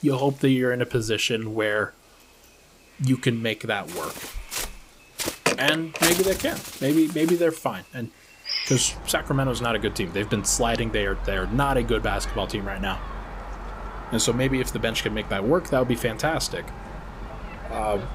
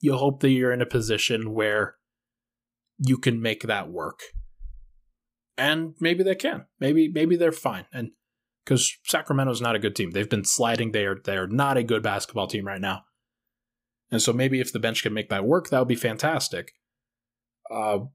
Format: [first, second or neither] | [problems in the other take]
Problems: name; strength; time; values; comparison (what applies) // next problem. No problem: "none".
second | animal sounds; loud; throughout; 8 dB below the speech